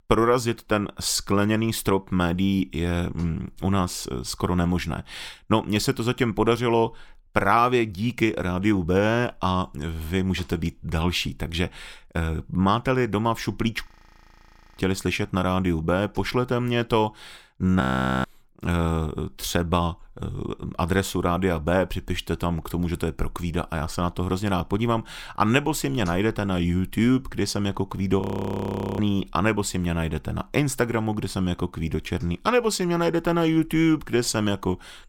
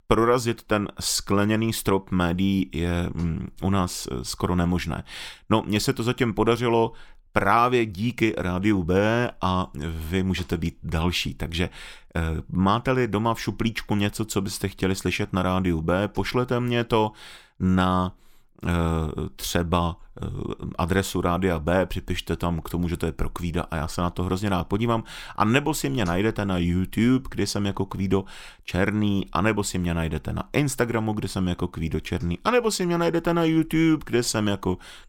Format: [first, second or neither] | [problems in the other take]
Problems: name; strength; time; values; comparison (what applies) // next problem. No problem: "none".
second | audio freezing; at 14 s for 1 s, at 18 s and at 28 s for 1 s